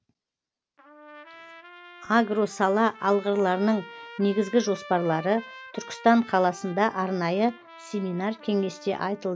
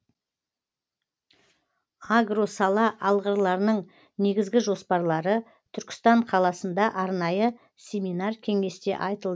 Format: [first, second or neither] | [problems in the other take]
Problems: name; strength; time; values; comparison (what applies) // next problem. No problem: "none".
second | background sound (Trumpet); 19 dB below the speech